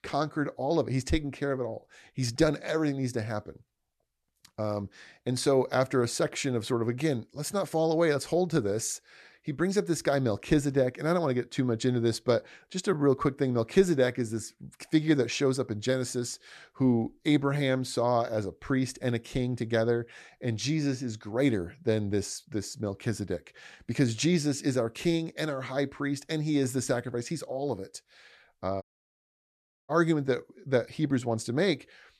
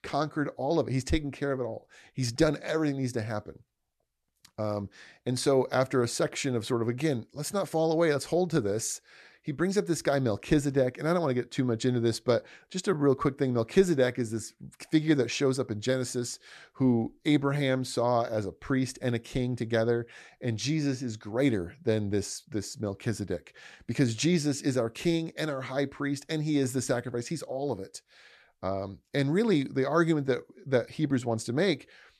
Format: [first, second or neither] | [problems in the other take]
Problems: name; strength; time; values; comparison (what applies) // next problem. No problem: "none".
second | audio cutting out; at 29 s for 1 s